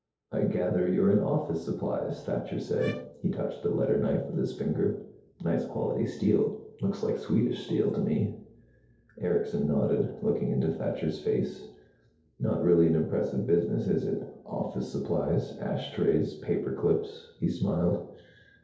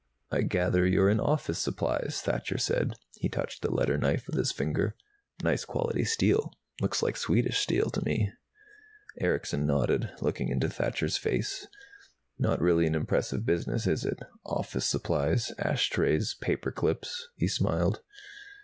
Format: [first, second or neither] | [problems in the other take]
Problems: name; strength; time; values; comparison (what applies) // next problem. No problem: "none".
second | noise reduction (neural separator model SepFormer DNS4)